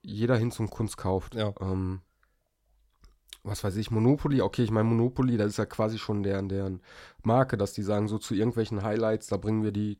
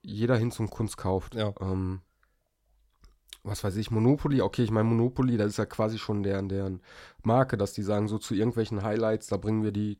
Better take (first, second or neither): neither